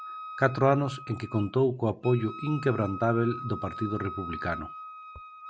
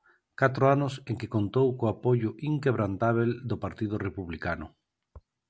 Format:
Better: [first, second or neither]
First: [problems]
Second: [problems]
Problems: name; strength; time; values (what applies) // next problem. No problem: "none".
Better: second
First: background sound (Wind instrument, woodwind instrument); 12 dB below the speech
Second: none